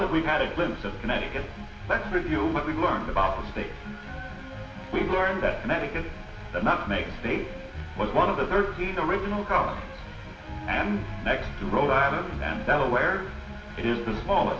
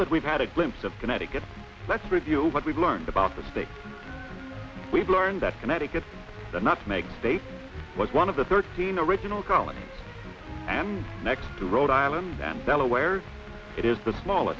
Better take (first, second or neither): second